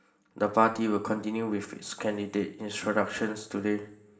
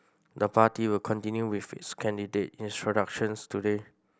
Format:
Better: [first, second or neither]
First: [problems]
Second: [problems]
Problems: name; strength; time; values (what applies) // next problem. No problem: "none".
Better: second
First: room echo; dies away in 1.7 s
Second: none